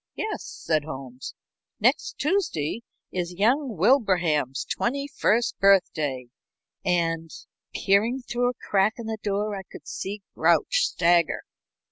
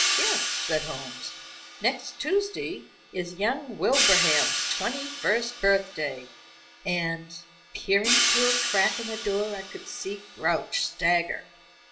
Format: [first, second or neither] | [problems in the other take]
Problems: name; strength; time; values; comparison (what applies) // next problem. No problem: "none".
first | background sound (Hi-hat); 1 dB below the speech // room echo; dies away in 0.5 s